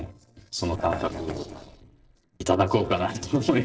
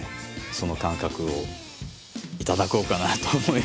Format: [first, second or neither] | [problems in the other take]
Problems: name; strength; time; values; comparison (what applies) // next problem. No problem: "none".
second | noise reduction (neural separator model SepFormer DNS4)